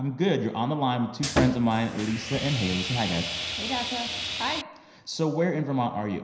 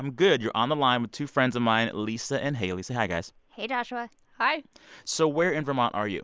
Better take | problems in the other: second | background sound (Sawing); 4 dB below the speech // room echo; dies away in 0.9 s

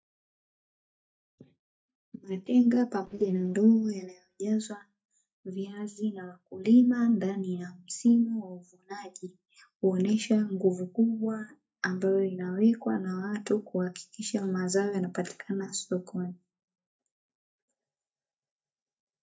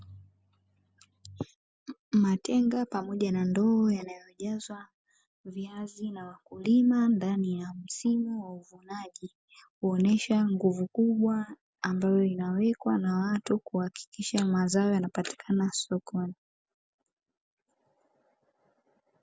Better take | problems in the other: second | noise reduction (neural mask model DeepFilterNet 3)

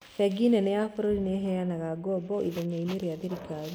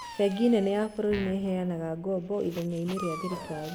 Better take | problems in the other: first | background sound (Dog + Fart); 15 dB below the speech

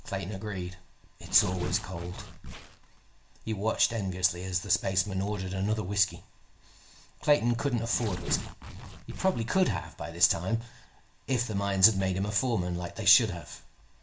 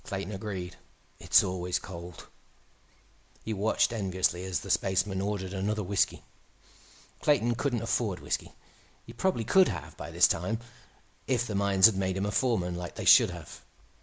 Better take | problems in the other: second | background sound (Tearing); 14 dB below the speech // room echo; dies away in 0.3 s

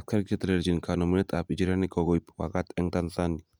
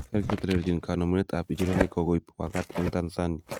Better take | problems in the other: first | noise reduction (neural mask model RNNoise)

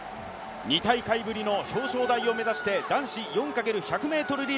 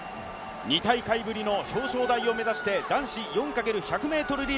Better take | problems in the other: first | background sound (Telephone); 19 dB below the speech

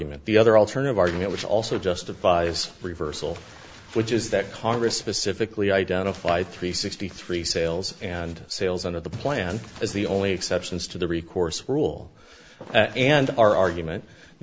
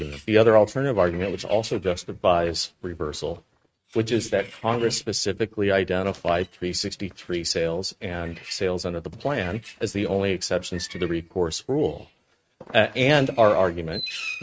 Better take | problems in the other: first | noise reduction (neural mask model RNNoise)

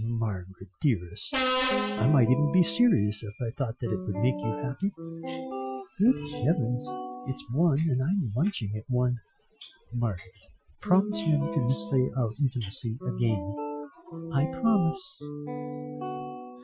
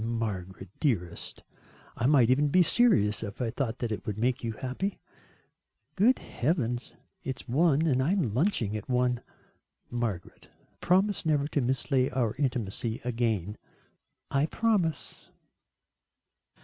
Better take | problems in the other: second | noise reduction (classical method Wiener filter)

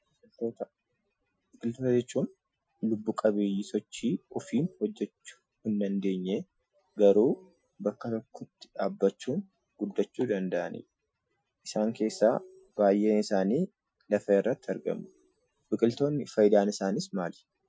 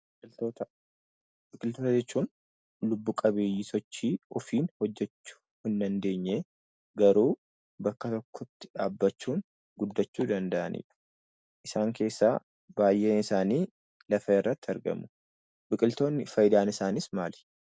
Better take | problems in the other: second | noise reduction (classical method Wiener filter)

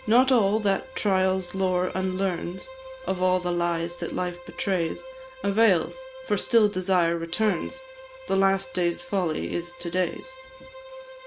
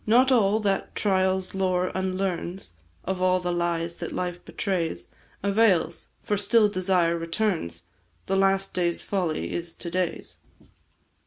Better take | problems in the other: second | background sound (Bowed string instrument); 17 dB below the speech

